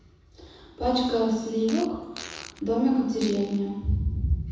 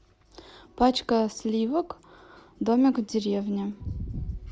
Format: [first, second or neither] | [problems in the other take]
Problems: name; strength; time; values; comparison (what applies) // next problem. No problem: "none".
second | background sound (Fart); 17 dB below the speech // room echo; dies away in 1.1 s